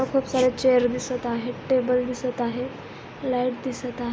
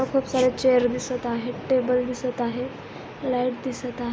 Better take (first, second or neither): first